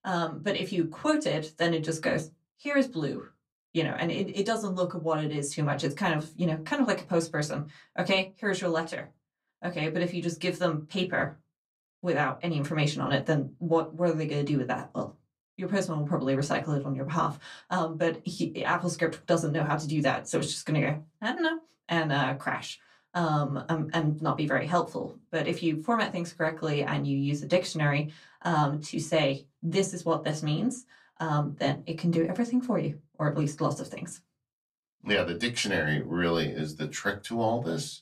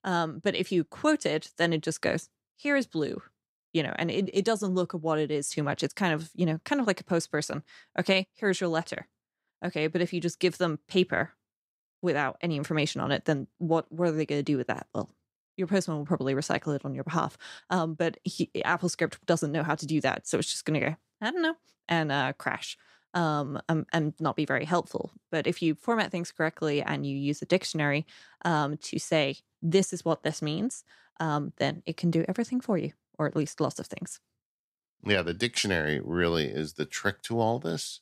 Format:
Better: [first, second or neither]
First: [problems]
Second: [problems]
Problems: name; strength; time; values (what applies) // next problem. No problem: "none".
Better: second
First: off-mic speech; far // room echo; very slight; dies away in 0.2 s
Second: none